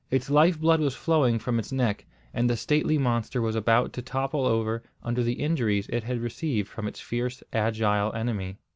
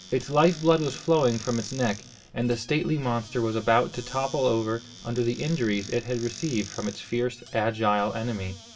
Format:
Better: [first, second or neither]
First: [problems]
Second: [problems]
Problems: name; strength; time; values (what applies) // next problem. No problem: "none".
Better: first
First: none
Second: background sound (Squeak / Cupboard open or close); 18 dB below the speech // room echo; dies away in 0.2 s